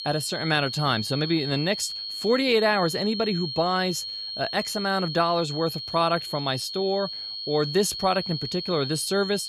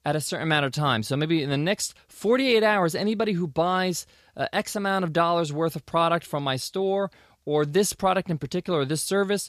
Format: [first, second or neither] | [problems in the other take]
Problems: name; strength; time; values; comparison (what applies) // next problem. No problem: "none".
second | high-pitched whine; loud; throughout; 4.5 kHz, 6 dB below the speech